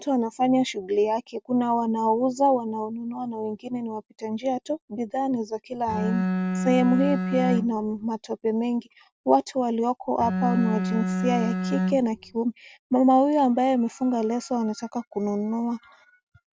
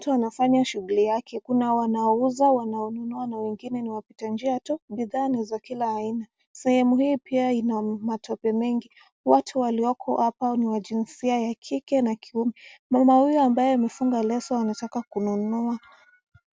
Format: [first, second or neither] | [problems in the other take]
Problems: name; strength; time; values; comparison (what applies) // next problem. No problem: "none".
second | background sound (Bowed string instrument); 2 dB below the speech